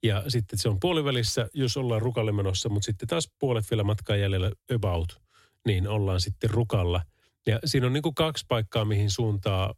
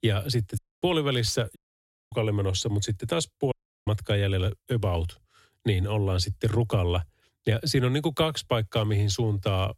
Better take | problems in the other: first | audio cutting out; at 0.5 s, at 1.5 s for 0.5 s and at 3.5 s

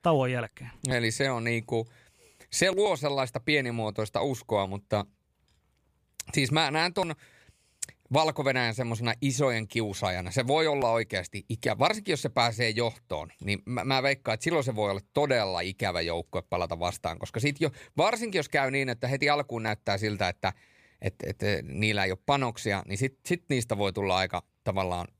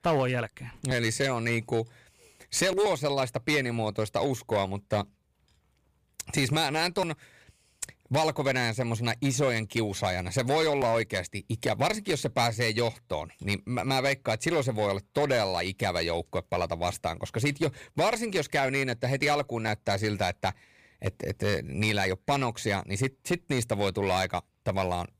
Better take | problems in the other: first | distortion; slight; 6% of the sound clipped

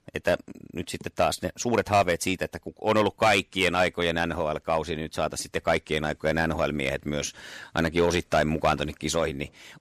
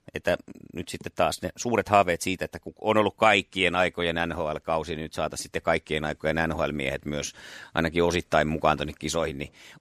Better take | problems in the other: second | distortion; slight; 2% of the sound clipped

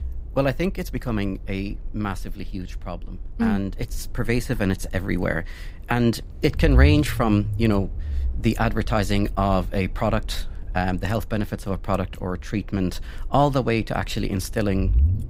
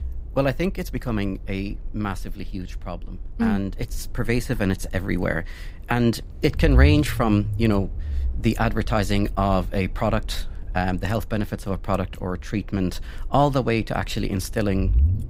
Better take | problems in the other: neither | low rumble; faint; throughout; 20 dB below the speech; the same in both

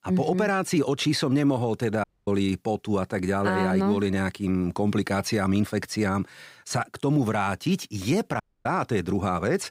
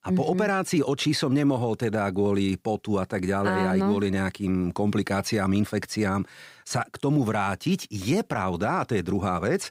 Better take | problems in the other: second | audio cutting out; at 2 s and at 8.5 s

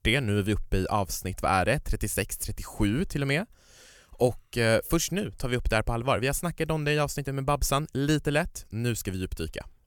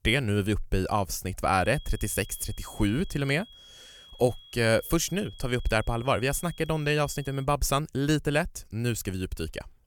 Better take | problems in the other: first | high-pitched whine; faint; from 1.5 to 7.5 s; 3.5 kHz, 20 dB below the speech

